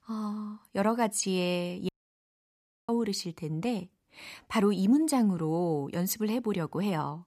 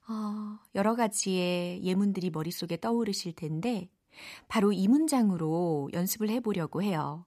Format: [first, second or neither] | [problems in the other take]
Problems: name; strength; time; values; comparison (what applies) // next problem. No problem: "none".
second | audio cutting out; at 2 s for 1 s